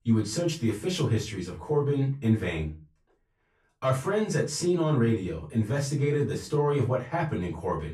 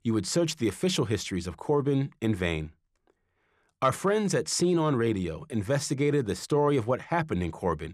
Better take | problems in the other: second | room echo; slight; dies away in 0.2 s // off-mic speech; far

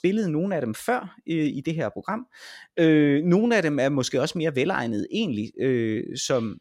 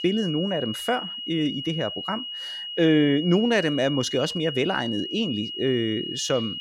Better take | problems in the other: first | high-pitched whine; loud; throughout; 3 kHz, 6 dB below the speech

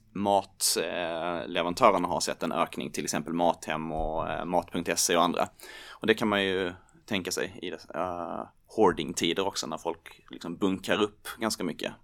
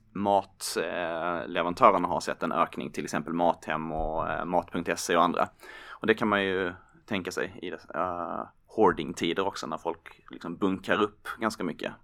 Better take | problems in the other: first | muffled; slightly; fading above 3.5 kHz

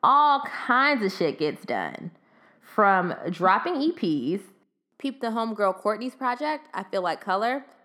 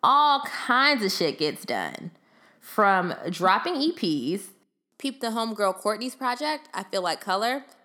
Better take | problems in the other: second | muffled; slightly; fading above 3.5 kHz

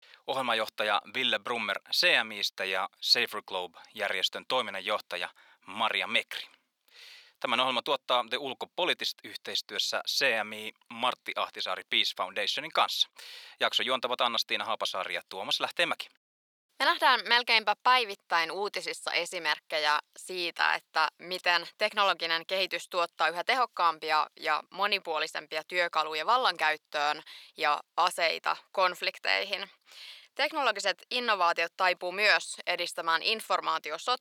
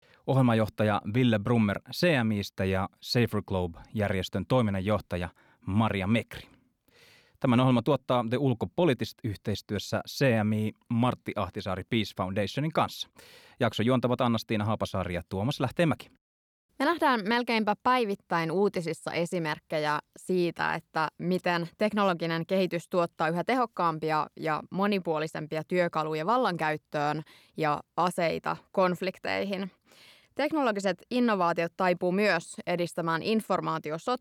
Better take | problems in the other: second | thin; very; fading below 750 Hz

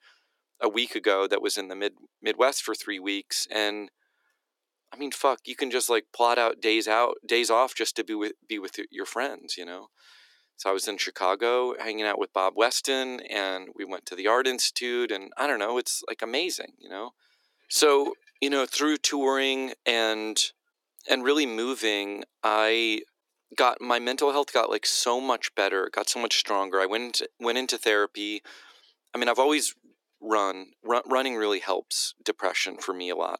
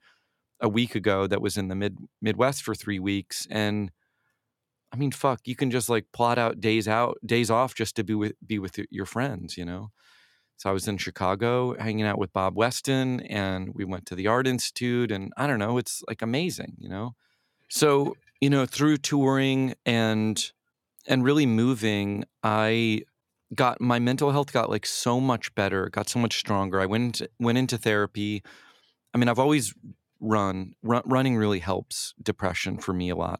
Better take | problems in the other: second | thin; somewhat; fading below 300 Hz

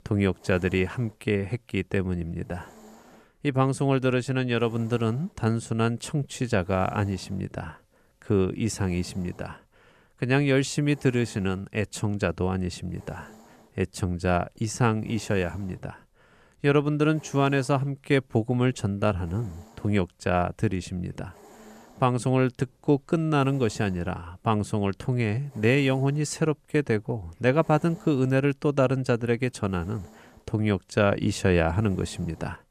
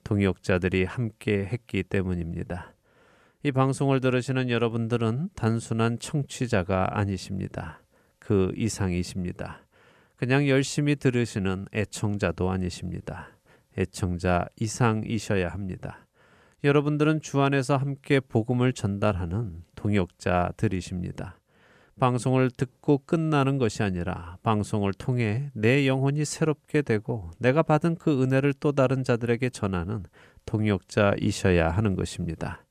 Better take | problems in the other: second | hiss; faint; throughout; 25 dB below the speech

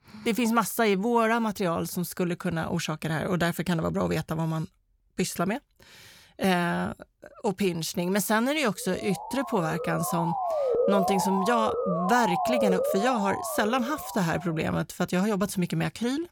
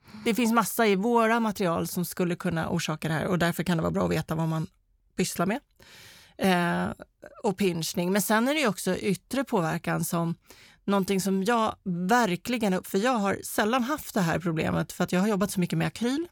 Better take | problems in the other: second | siren; loud; from 9 to 14 s; peak 2 dB above the speech

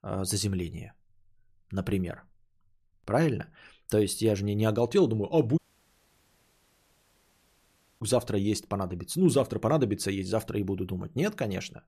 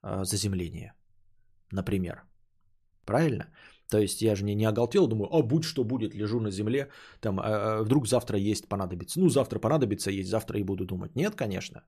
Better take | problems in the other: second | audio cutting out; at 5.5 s for 2.5 s

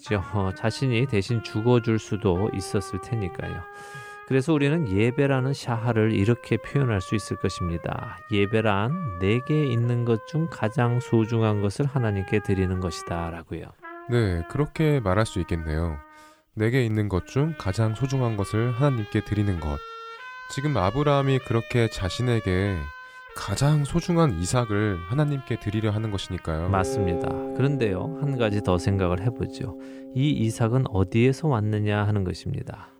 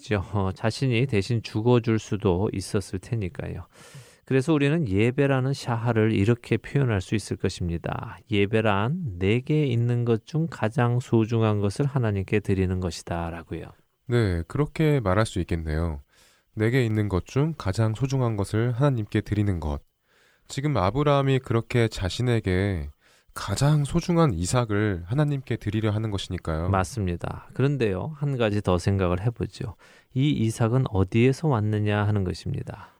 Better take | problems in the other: second | background music; noticeable; throughout; 15 dB below the speech

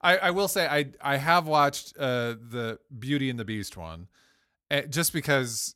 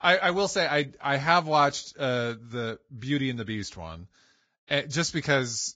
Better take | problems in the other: first | garbled, watery; badly; nothing above 7.5 kHz

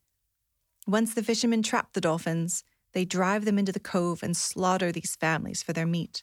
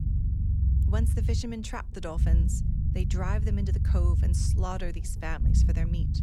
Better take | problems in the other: first | low rumble; loud; throughout; 4 dB below the speech

